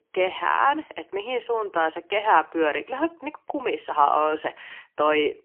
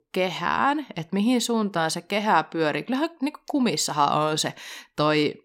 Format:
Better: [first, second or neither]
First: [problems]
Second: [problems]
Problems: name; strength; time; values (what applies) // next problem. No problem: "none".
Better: second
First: phone-call audio; poor line; nothing above 3 kHz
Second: none